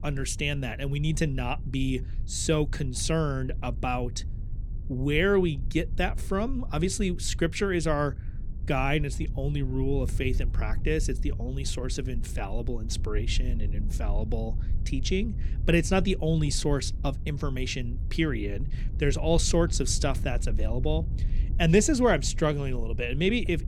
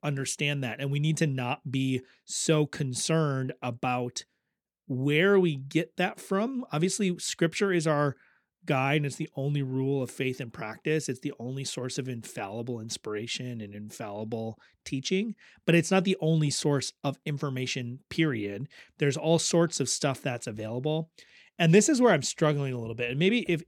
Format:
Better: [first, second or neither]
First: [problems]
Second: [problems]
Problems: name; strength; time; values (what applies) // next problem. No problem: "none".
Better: second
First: low rumble; faint; throughout; 20 dB below the speech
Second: none